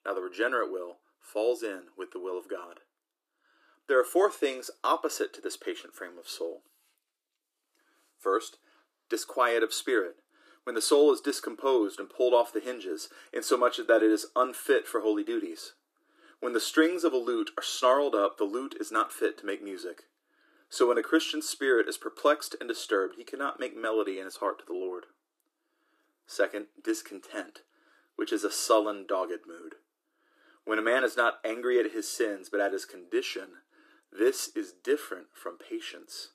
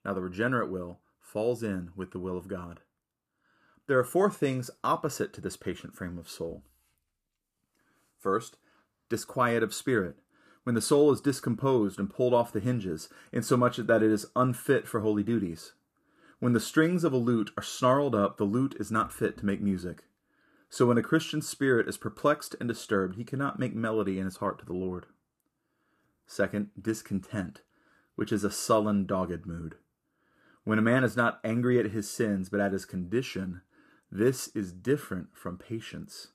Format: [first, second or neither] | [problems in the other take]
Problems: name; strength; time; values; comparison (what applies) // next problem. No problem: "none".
second | thin; very; fading below 300 Hz